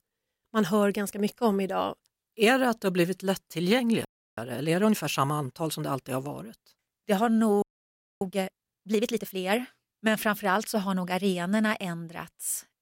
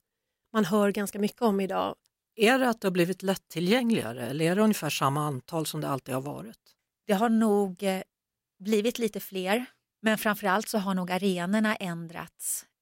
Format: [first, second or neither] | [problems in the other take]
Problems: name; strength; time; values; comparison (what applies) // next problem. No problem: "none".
second | audio freezing; at 4 s and at 7.5 s for 0.5 s